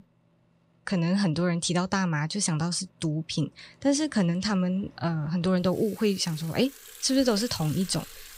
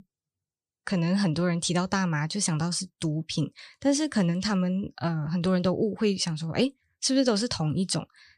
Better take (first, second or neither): second